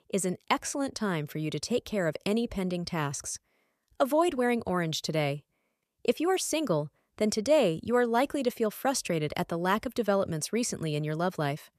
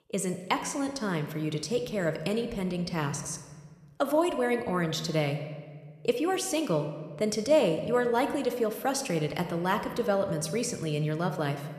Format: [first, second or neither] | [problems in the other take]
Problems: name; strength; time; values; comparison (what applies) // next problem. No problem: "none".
first | room echo; slight; dies away in 1.2 s